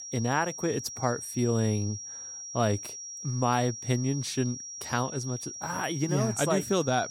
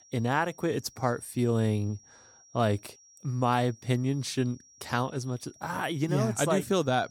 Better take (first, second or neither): second